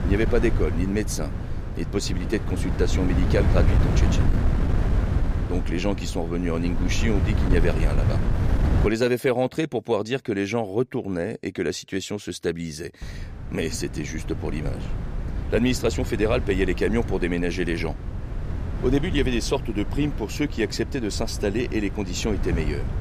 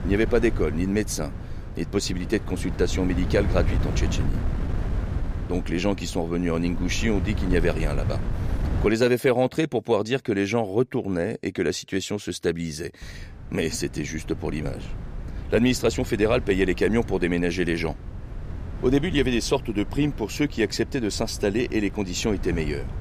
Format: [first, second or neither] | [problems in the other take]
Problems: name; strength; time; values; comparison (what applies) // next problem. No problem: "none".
second | wind noise on the microphone; heavy; until 9 s and from 13 s on; 9 dB below the speech; occasional gusts in the second